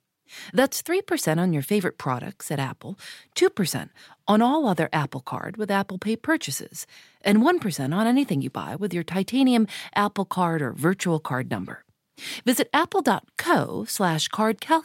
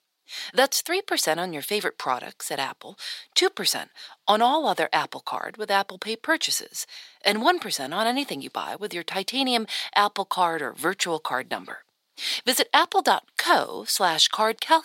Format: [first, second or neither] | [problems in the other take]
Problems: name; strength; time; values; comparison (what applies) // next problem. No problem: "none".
first | thin; somewhat; fading below 500 Hz